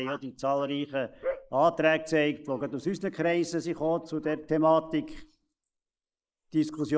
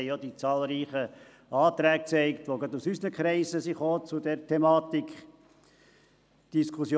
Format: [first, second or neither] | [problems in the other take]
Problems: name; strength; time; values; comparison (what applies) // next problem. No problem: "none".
second | noise reduction (neural mask model Resemble Enhance denoiser)